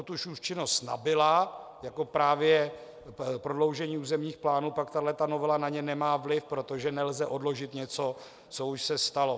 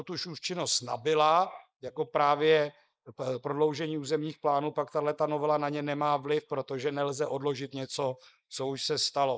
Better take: first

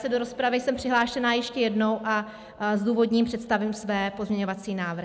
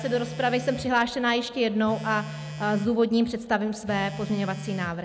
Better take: first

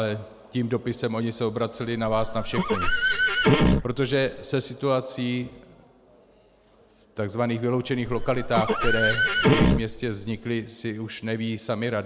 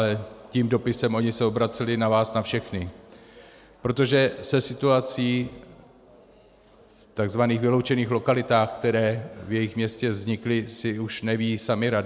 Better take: second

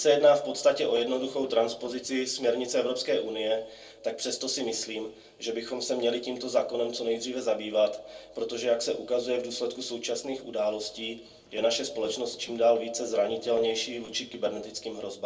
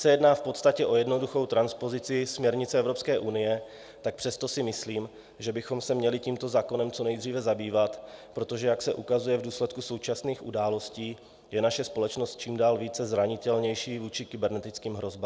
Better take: second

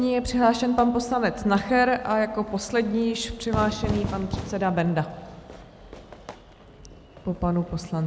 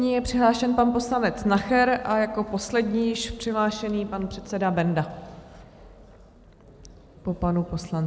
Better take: second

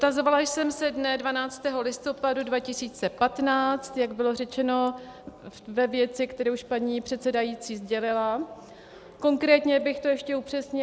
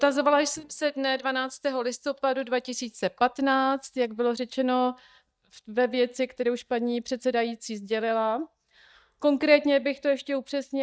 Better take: first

